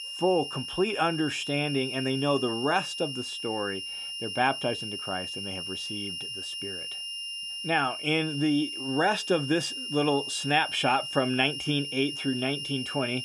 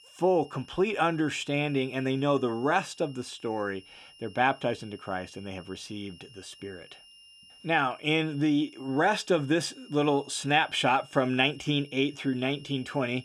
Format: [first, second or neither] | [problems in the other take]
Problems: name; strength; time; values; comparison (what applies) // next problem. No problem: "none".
second | high-pitched whine; loud; throughout; 3 kHz, 5 dB below the speech; faint in the second